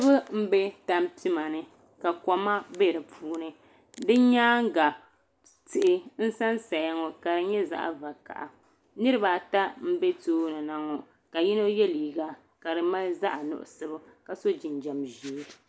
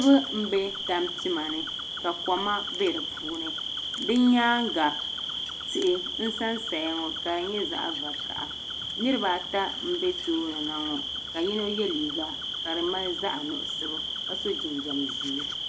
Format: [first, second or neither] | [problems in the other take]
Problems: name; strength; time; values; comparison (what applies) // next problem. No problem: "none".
first | background sound (Cricket); 4 dB below the speech // room echo; dies away in 0.2 s